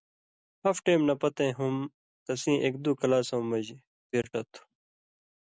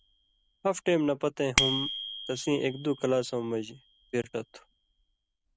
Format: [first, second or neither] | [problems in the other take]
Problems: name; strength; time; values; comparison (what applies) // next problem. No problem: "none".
first | background sound (Bicycle bell); 6 dB below the speech